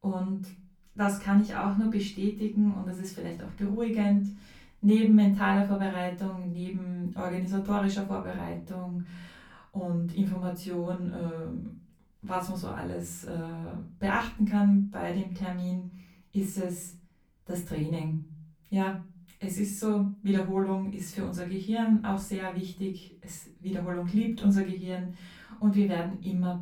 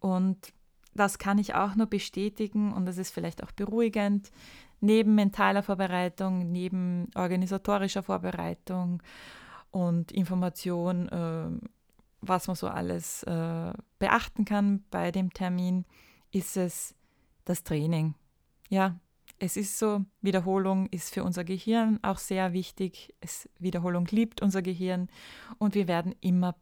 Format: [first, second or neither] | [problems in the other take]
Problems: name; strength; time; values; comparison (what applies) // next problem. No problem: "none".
second | off-mic speech; far // room echo; slight; dies away in 0.4 s